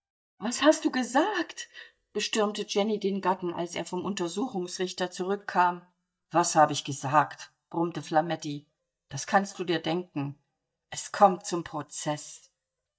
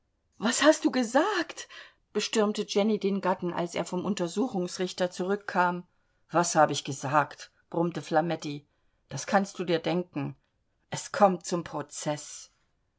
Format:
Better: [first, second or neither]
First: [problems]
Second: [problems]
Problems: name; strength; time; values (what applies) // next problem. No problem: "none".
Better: second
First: noise reduction (neural mask model DeepFilterNet 3)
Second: none